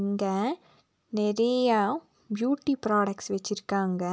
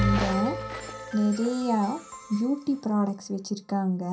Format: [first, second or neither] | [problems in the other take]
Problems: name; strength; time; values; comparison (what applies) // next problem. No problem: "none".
first | background sound (Bell); 7 dB below the speech // room echo; dies away in 0.3 s